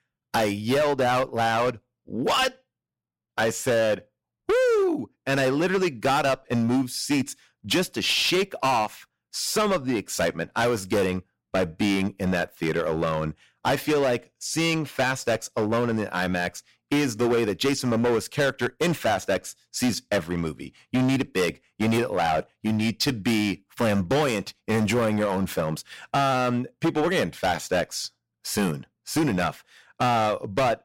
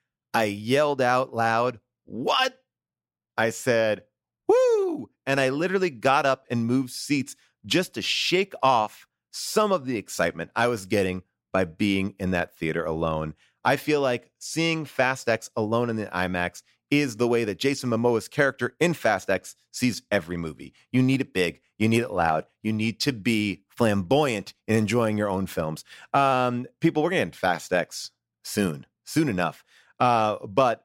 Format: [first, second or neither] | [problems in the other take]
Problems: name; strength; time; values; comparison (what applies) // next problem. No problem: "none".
second | distortion; heavy; 13% of the sound clipped